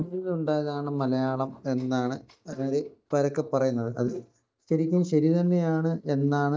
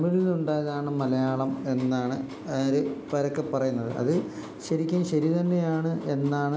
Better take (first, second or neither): second